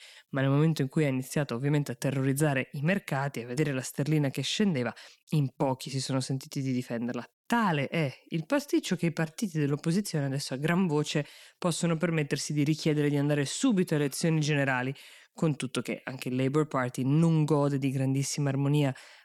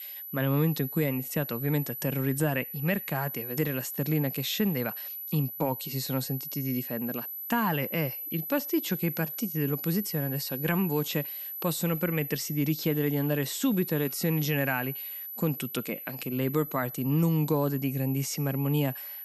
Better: first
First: none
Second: high-pitched whine; loud; throughout; 12 kHz, 6 dB below the speech

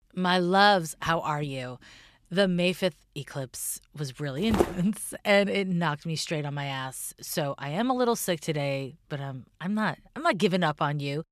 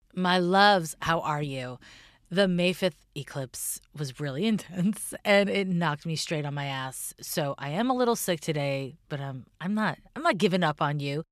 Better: second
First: footsteps; noticeable; at 4.5 s; peak 1 dB below the speech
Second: none

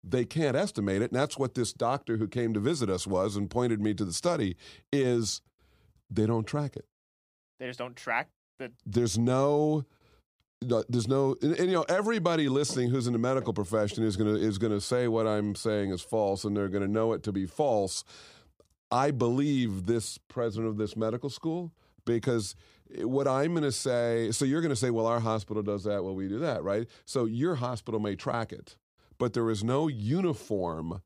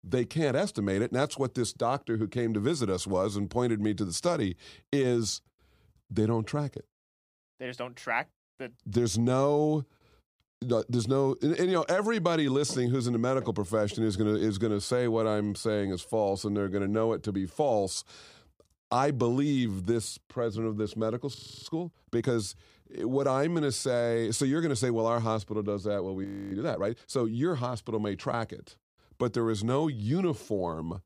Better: first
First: none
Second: audio freezing; at 21 s and at 26 s

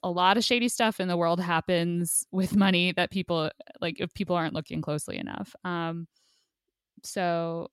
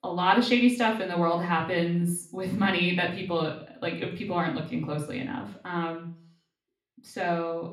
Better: first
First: none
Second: room echo; slight; dies away in 0.5 s // off-mic speech; far

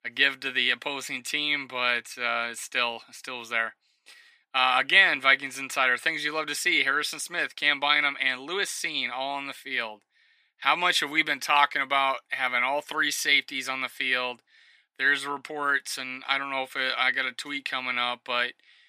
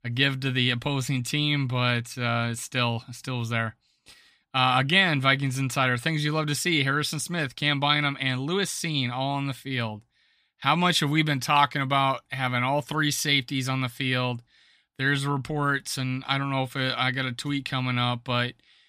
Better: second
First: thin; very; fading below 400 Hz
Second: none

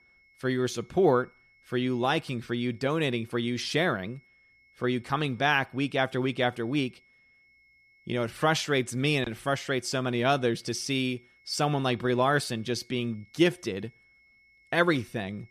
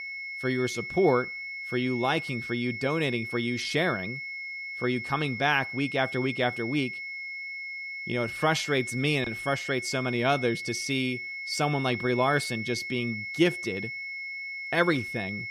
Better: first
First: high-pitched whine; faint; throughout; 2 kHz, 30 dB below the speech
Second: high-pitched whine; loud; throughout; 2 kHz, 6 dB below the speech

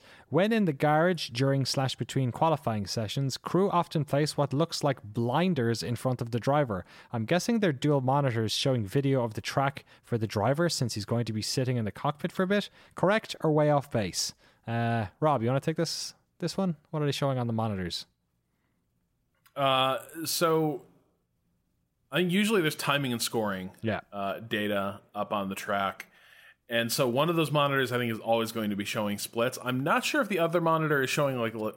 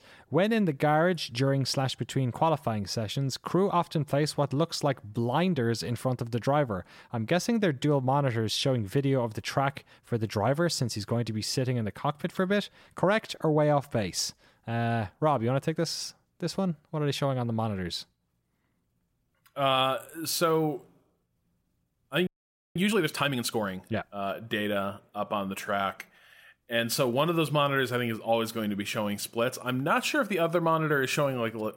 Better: first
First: none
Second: audio freezing; at 22 s

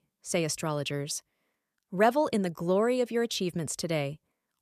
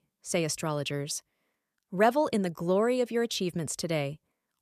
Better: neither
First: none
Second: none

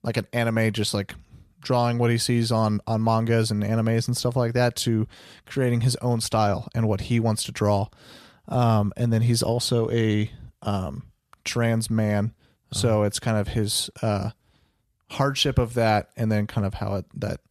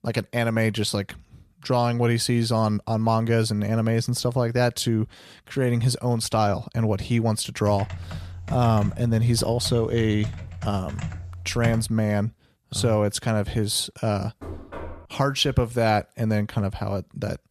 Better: first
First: none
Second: keyboard typing; noticeable; from 7.5 to 12 s; peak 8 dB below the speech // door banging; faint; at 14 s; peak 15 dB below the speech

